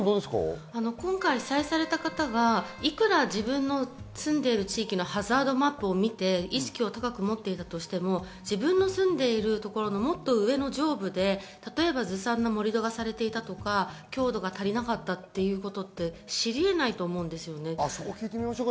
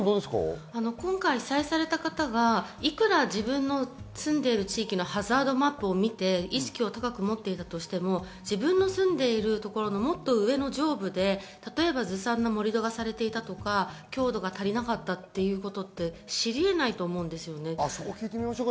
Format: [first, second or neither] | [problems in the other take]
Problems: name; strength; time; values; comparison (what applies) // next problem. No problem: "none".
second | background sound (Keyboard (musical)); 19 dB below the speech